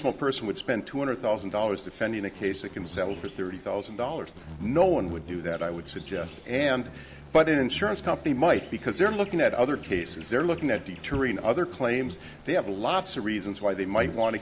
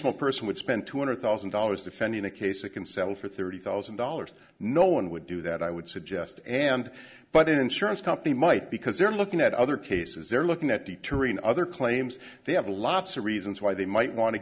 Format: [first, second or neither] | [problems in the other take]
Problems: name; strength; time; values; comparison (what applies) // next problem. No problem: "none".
second | background sound (Insect); 16 dB below the speech